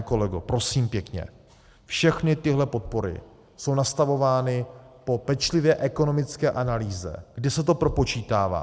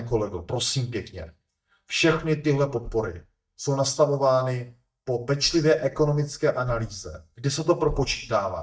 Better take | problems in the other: first | noise reduction (neural mask model DeepFilterNet 3)

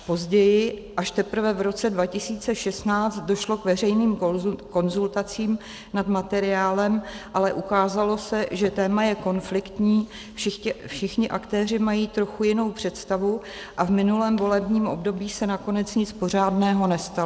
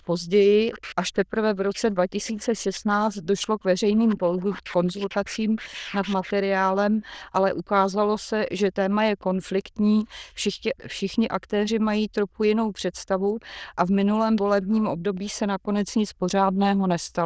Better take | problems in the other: first | noise reduction (neural diffusion model UNIVERSE++)

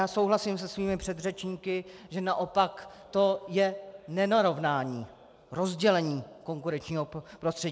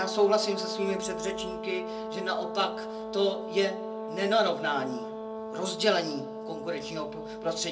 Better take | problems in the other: first | background sound (Brass instrument); 6 dB below the speech // room echo; dies away in 0.2 s

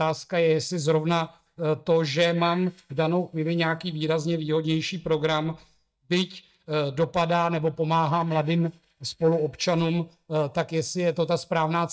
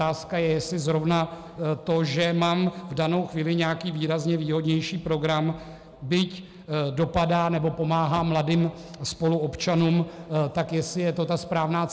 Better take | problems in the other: second | noise reduction (neural mask model DeepFilterNet 3)

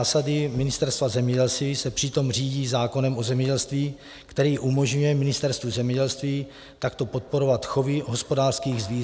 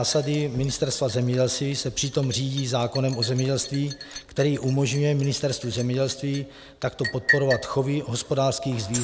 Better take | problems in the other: first | background sound (Liquid); 11 dB below the speech

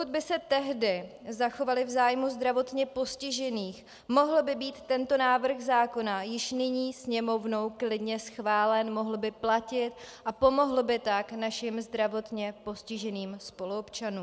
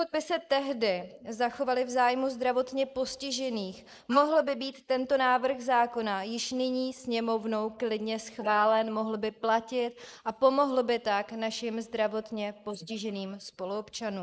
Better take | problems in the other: first | noise reduction (neural mask model Resemble Enhance denoiser)

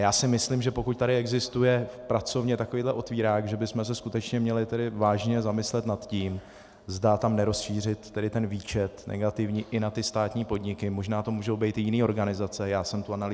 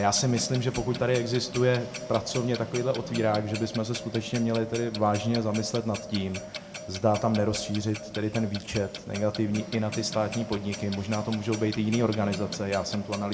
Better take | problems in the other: first | background sound (Clock); 11 dB below the speech // room echo; dies away in 1 s

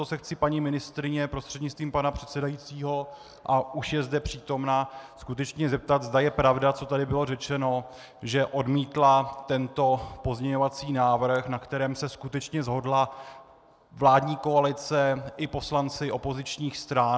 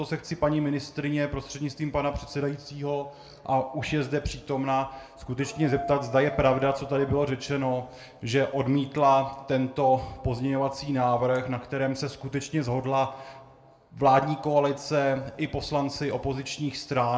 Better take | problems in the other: first | background sound (Dog); 14 dB below the speech // room echo; dies away in 0.9 s

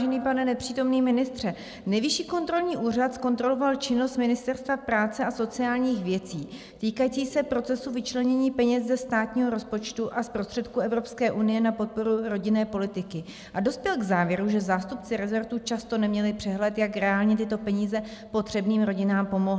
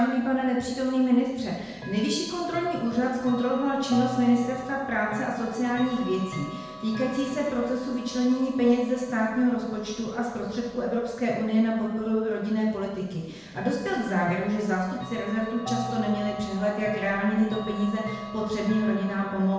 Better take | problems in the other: first | background sound (Chime / Clock); 14 dB below the speech // room echo; dies away in 0.9 s

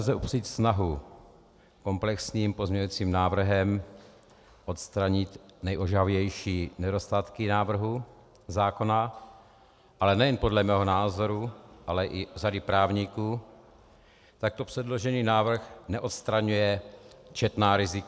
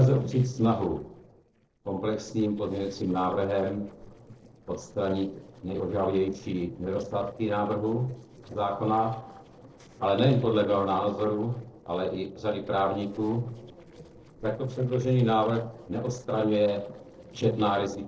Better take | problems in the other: first | noise reduction (neural separator model SepFormer DNS4)

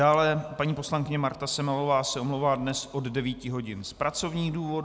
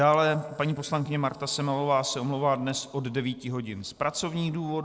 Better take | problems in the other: first | noise reduction (neural separator model SepFormer DNS4)

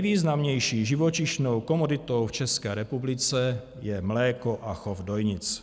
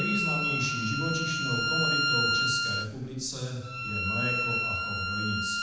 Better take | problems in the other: first | background sound (Bowed string instrument); 4 dB above the speech // room echo; dies away in 1 s

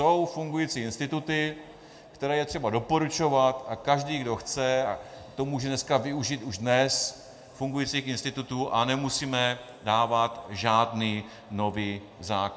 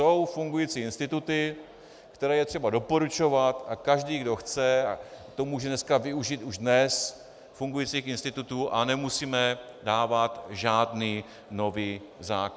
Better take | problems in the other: second | room echo; dies away in 1.8 s

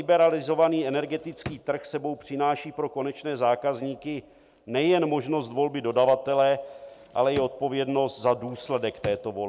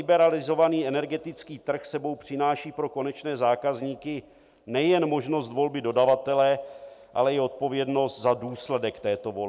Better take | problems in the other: second | background sound (Drawer open or close); 17 dB below the speech

